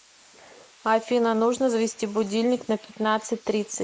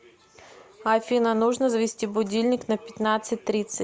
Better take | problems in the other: second | noise reduction (neural mask model Resemble Enhance denoiser)

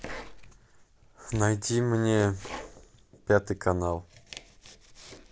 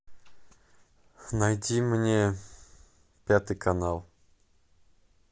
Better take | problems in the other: second | background sound (Domestic sounds, home sounds); 17 dB below the speech

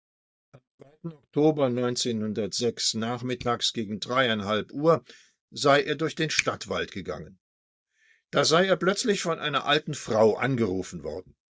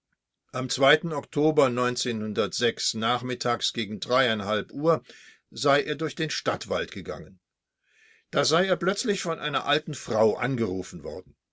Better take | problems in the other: second | noise reduction (neural mask model DeepFilterNet 3)

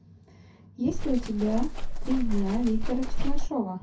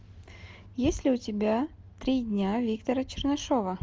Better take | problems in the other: second | background sound (Livestock, farm animals, working animals); 4 dB above the speech // room echo; dies away in 0.3 s

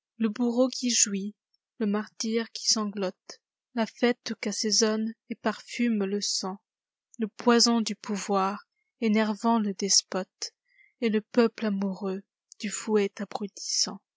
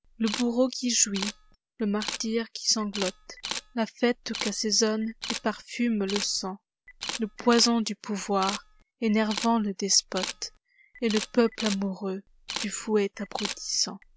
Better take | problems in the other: first | background sound (Camera); 11 dB below the speech

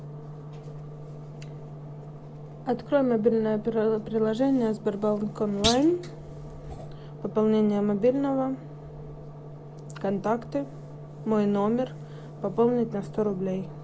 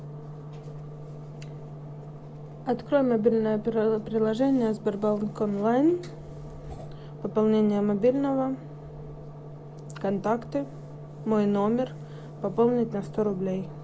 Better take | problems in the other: second | background sound (Thump, thud); 6 dB below the speech

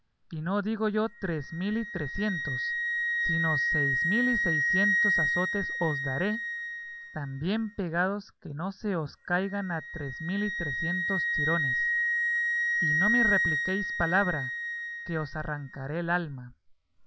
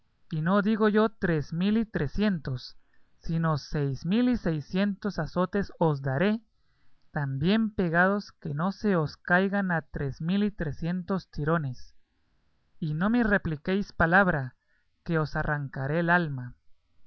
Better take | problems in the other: second | background sound (Wind instrument, woodwind instrument); 1 dB above the speech

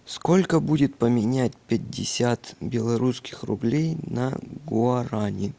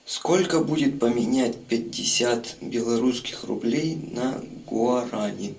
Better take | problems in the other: first | room echo; dies away in 0.2 s

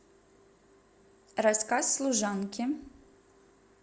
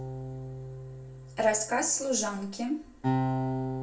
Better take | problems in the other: first | background sound (Acoustic guitar); 2 dB below the speech // room echo; dies away in 0.3 s

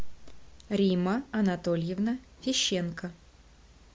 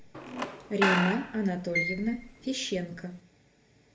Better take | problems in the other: first | background sound (Squeak / Screech); 2 dB below the speech // room echo; dies away in 0.3 s

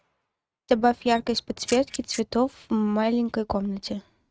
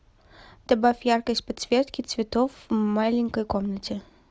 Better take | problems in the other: second | noise reduction (neural mask model RNNoise)

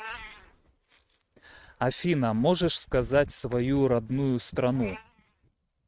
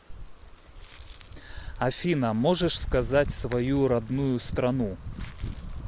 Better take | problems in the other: second | noise reduction (neural mask model RNNoise)

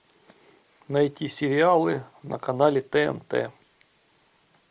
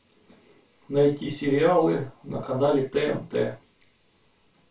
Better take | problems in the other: first | room echo; dies away in 0.2 s

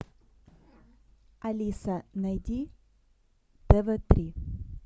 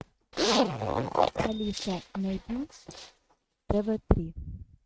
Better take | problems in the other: first | noise reduction (neural mask model RNNoise)

